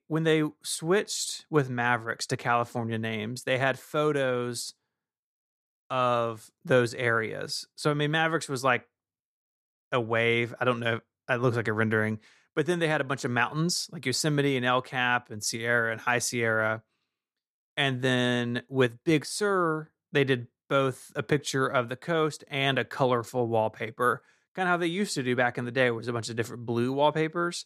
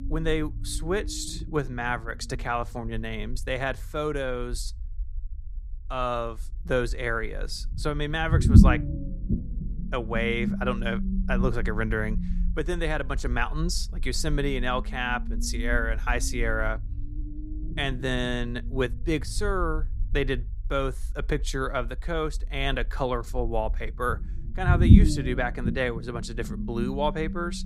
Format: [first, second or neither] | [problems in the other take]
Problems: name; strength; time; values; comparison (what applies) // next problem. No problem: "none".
first | low rumble; loud; throughout; 8 dB below the speech